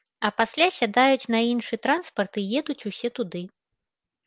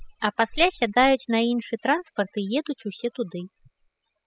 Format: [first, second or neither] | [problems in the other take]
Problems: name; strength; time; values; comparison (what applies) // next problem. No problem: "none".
first | noise reduction (classical method spectral subtraction)